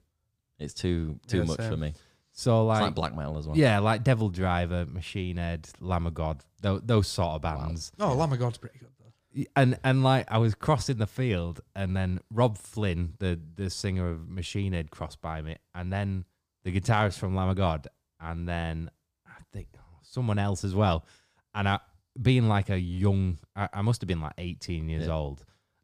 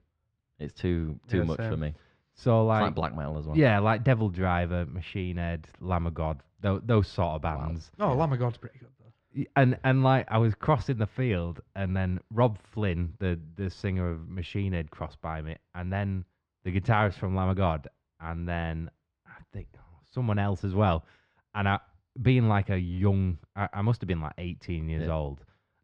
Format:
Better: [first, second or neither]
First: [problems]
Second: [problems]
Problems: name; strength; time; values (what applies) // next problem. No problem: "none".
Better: first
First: none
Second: muffled; slightly; fading above 2.5 kHz